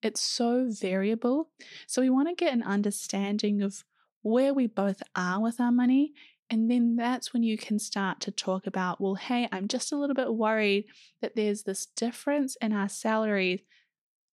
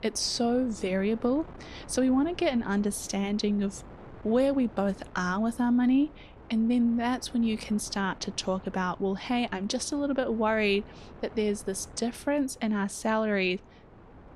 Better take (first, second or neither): first